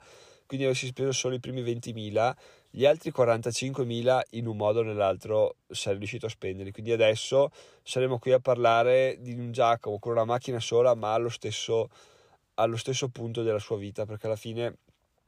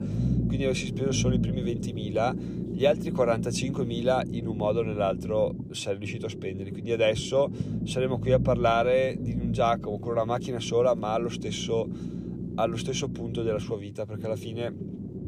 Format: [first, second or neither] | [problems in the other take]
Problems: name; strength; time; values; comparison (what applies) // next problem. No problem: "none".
first | low rumble; noticeable; throughout; 10 dB below the speech